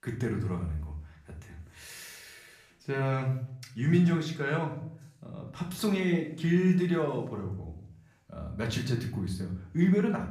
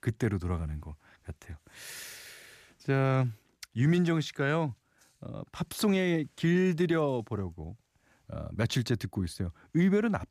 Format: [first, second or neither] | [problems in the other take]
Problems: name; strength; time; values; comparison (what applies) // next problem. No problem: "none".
second | room echo; slight; dies away in 0.5 s // off-mic speech; far